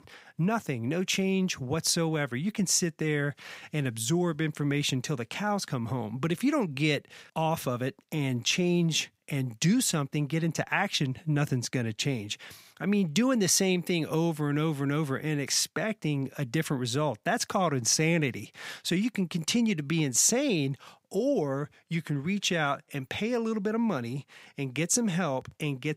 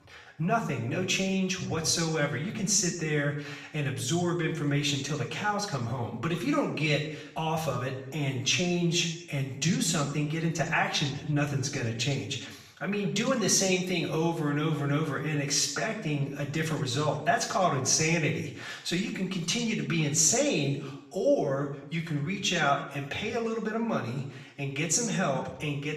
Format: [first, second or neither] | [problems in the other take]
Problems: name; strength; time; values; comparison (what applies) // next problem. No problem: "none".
first | room echo; noticeable; dies away in 0.7 s // off-mic speech; far